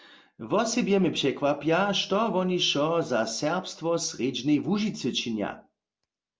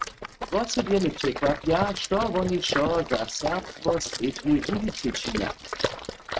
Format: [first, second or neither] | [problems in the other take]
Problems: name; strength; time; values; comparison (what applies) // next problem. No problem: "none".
first | noise reduction (neural mask model RNNoise)